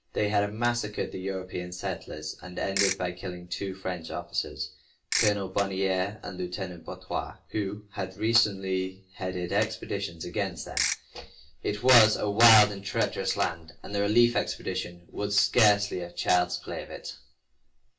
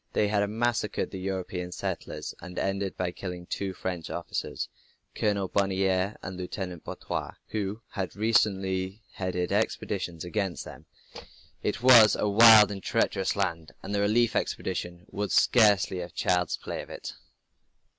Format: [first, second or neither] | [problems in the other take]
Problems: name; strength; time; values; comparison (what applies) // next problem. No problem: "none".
second | background sound (Ratchet, pawl / Percussion); 1 dB below the speech // room echo; dies away in 0.2 s